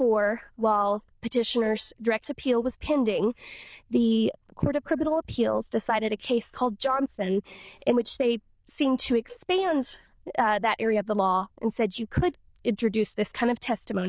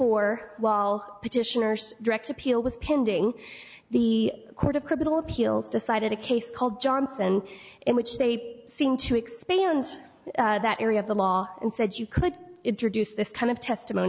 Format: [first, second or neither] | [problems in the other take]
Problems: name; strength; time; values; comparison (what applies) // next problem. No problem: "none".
second | noise reduction (neural diffusion model UNIVERSE++)